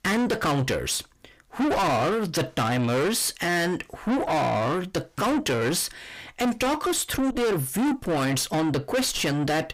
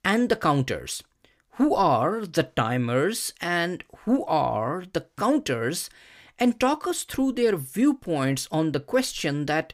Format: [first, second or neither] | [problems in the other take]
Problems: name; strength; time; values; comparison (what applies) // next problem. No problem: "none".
second | distortion; heavy; 6 dB below the speech